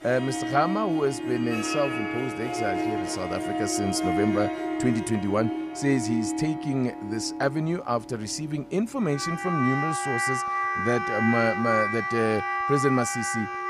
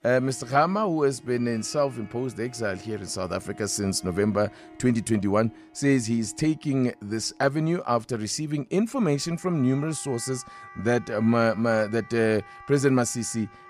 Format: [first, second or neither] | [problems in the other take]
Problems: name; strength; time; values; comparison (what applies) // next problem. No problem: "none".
second | background music; loud; throughout; 1 dB below the speech; faint in the second